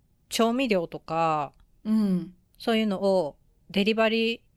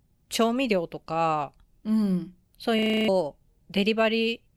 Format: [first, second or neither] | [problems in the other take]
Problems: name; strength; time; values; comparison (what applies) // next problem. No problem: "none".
first | audio freezing; at 3 s